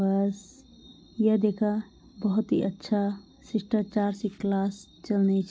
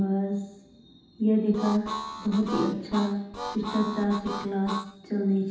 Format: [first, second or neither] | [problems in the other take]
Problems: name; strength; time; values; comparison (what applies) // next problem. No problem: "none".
first | background sound (Harmonica); 8 dB below the speech // room echo; dies away in 0.9 s